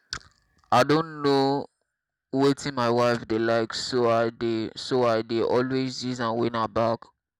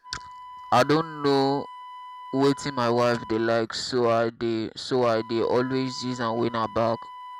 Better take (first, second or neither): first